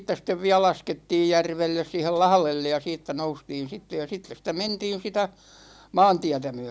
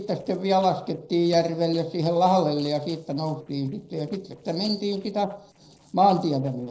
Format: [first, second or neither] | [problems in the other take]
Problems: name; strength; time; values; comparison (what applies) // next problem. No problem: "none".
first | noise reduction (neural separator model SepFormer DNS4)